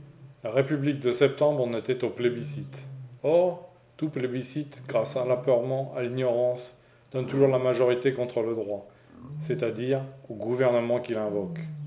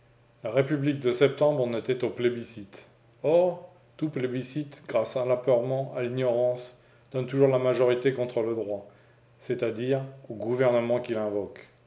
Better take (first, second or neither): second